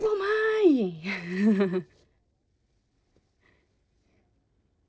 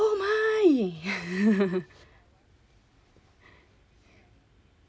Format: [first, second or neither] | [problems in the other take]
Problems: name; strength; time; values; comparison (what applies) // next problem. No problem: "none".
second | noise reduction (neural separator model SepFormer DNS4)